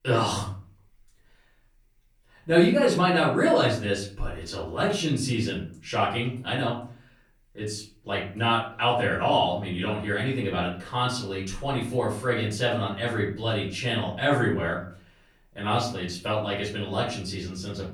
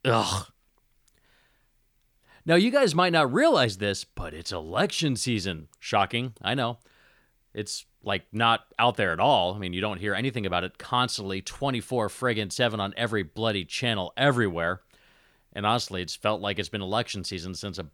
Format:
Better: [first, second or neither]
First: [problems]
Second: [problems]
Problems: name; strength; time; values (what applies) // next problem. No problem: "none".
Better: second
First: off-mic speech; far // room echo; slight; dies away in 0.4 s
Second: none